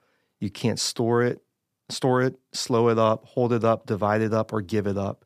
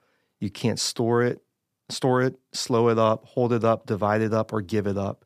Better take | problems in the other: neither | none

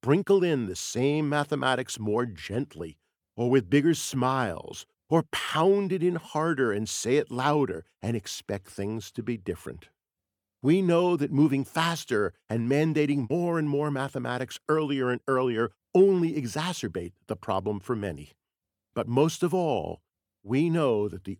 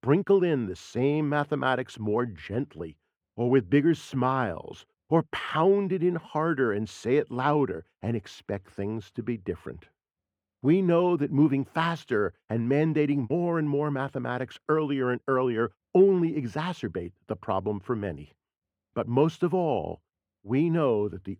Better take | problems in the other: first | muffled; slightly; fading above 4 kHz

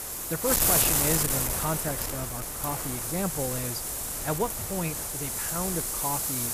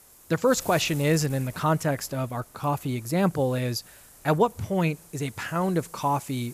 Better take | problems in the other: second | wind noise on the microphone; heavy; 3 dB above the speech; occasional gusts in the second

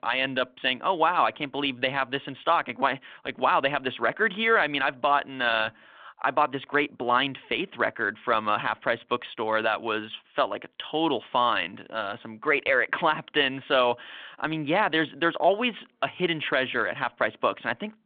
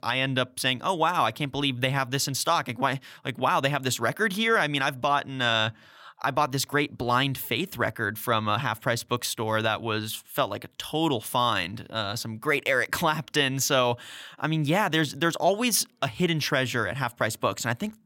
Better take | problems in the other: second | phone-call audio

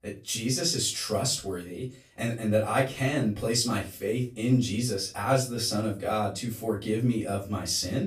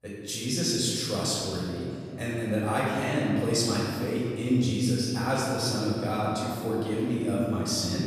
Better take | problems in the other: first | room echo; strong; dies away in 2.5 s; slight in the first // off-mic speech; far; far in the first

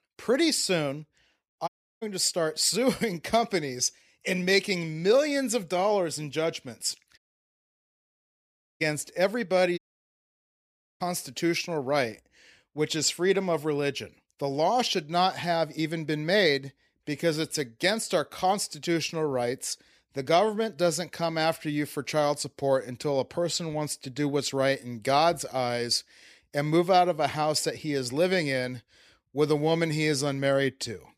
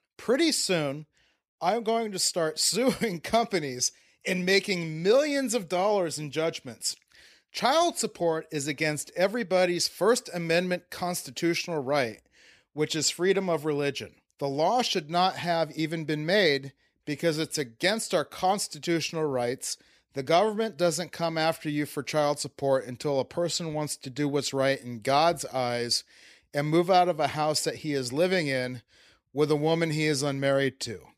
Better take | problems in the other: second | audio cutting out; at 1.5 s, at 7 s for 1.5 s and at 10 s for 1 s

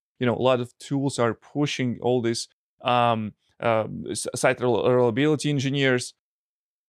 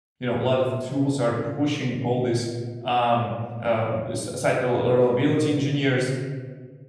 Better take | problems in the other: first | off-mic speech; far // room echo; noticeable; dies away in 1.7 s

